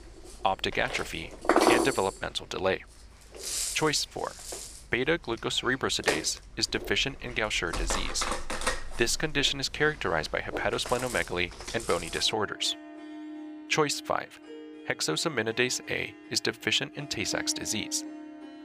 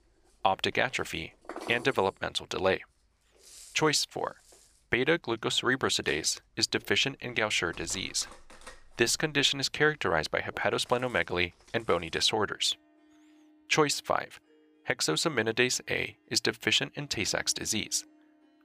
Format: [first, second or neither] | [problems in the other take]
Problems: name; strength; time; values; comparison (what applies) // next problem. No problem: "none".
second | background music; loud; throughout; 5 dB below the speech; faint in the second